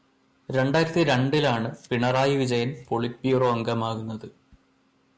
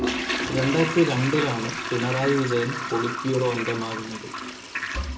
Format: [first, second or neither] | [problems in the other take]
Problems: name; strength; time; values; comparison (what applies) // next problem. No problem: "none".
first | background sound (Toilet flush); 4 dB below the speech // room echo; dies away in 0.2 s